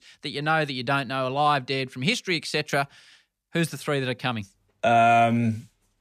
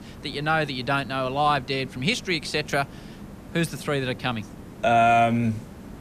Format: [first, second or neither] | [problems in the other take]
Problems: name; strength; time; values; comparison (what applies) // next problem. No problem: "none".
first | hiss; noticeable; throughout; 20 dB below the speech